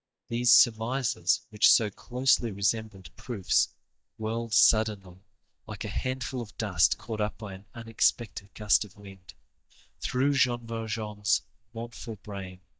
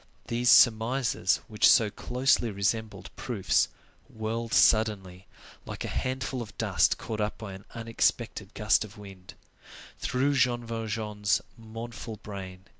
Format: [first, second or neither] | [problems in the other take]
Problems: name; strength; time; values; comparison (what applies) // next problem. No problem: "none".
second | noise reduction (neural mask model DeepFilterNet 3)